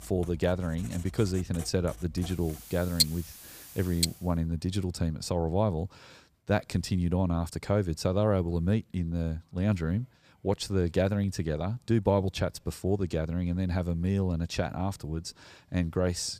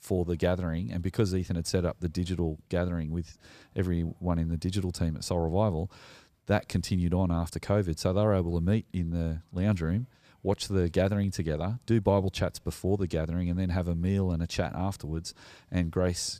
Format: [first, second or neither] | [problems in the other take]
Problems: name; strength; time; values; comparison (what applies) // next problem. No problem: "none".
second | household noises; loud; until 4 s; 1 dB below the speech